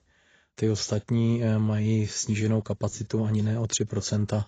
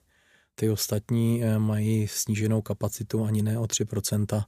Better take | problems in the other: second | garbled, watery; badly; nothing above 7.5 kHz

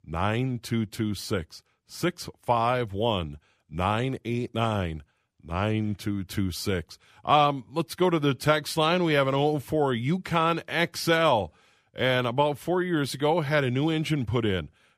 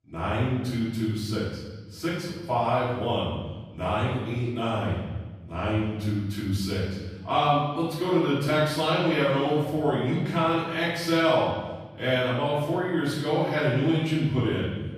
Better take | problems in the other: first | off-mic speech; far // room echo; strong; dies away in 1.3 s

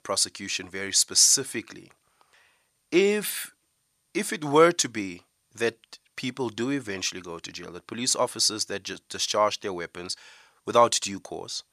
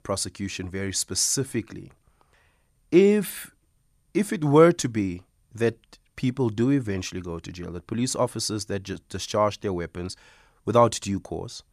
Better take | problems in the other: second | thin; somewhat; fading below 700 Hz

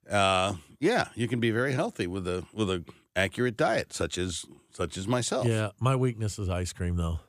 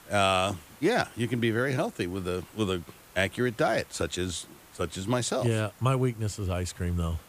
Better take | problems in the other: first | hiss; faint; throughout; 25 dB below the speech

